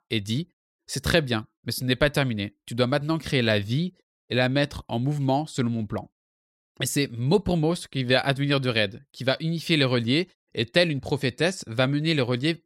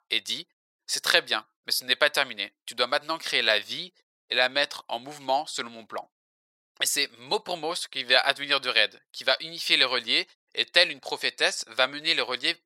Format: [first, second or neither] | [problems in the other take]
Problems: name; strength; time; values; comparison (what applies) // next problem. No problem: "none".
first | thin; very; fading below 850 Hz